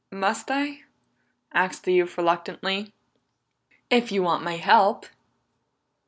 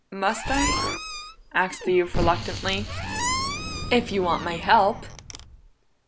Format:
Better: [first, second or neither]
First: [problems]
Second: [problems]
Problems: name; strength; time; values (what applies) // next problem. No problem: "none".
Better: first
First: none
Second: background sound (Squeak + Explosion); 4 dB below the speech